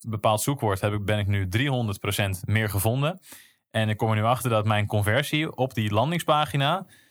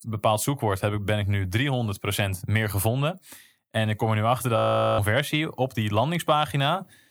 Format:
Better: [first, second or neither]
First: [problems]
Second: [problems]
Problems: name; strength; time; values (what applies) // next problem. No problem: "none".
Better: first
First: none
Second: audio freezing; at 4.5 s